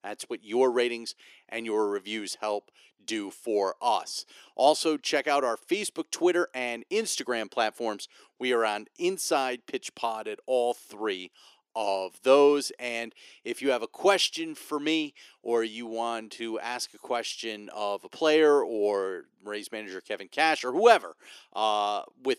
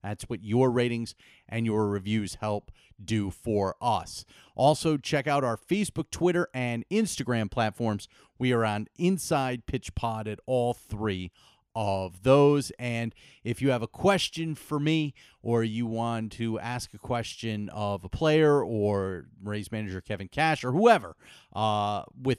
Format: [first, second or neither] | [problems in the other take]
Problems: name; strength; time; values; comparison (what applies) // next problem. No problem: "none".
second | thin; somewhat; fading below 350 Hz